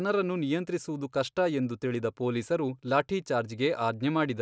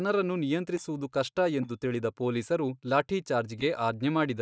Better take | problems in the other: first | noise reduction (neural mask model DeepFilterNet 3)

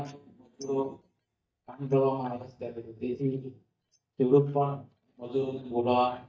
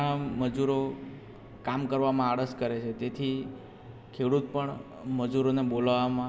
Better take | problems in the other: second | noise reduction (neural mask model DeepFilterNet 3)

